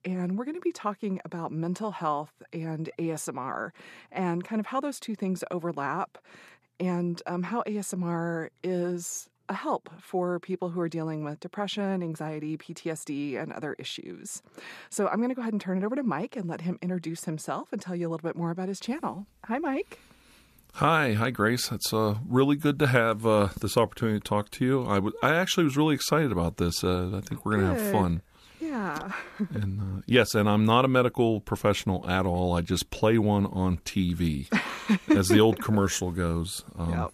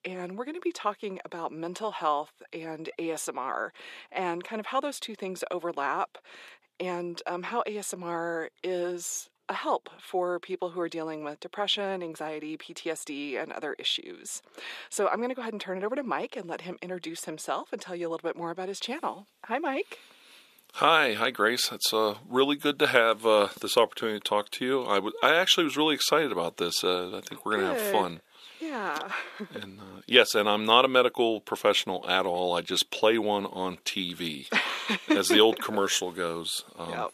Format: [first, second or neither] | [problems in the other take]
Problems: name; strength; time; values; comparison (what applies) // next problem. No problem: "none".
first | thin; somewhat; fading below 450 Hz